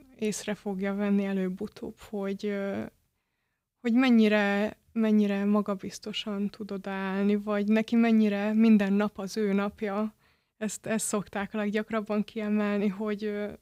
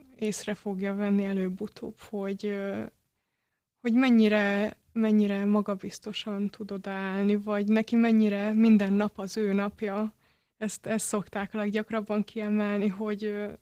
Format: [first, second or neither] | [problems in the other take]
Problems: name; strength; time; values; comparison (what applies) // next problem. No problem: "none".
first | garbled, watery; slightly; nothing above 15.5 kHz